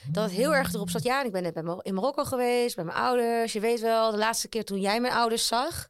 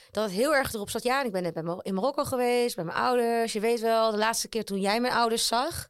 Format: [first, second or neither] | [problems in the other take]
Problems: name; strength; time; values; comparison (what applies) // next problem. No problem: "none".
second | phone ringing; noticeable; until 1 s; peak 6 dB below the speech